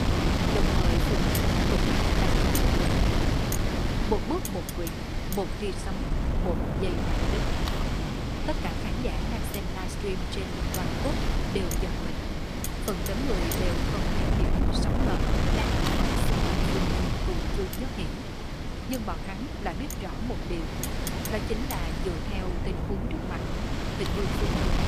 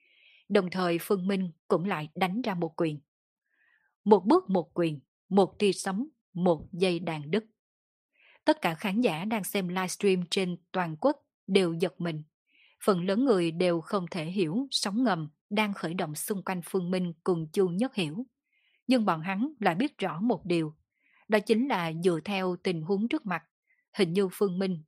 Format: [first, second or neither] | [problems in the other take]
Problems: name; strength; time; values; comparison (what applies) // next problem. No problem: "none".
second | wind noise on the microphone; heavy; 5 dB above the speech